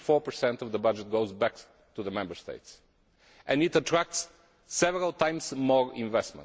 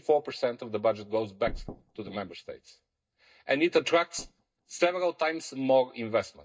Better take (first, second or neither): first